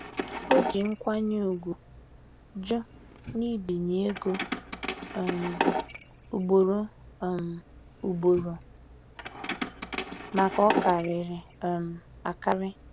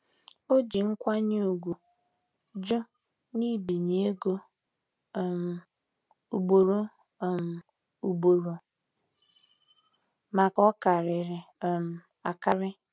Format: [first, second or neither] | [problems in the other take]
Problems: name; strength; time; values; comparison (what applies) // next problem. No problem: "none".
second | background sound (Keys jangling); 6 dB below the speech